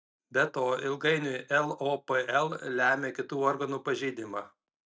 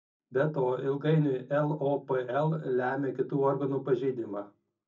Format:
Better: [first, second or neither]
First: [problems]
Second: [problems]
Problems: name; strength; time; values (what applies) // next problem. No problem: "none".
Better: first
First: none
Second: room echo; dies away in 0.4 s